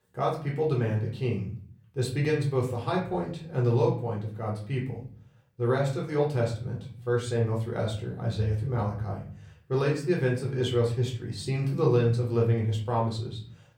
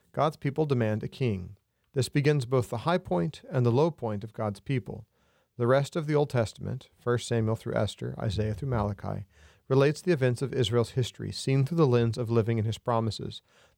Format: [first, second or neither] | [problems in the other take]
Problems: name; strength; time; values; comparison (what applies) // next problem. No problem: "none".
second | off-mic speech; far // room echo; slight; dies away in 0.5 s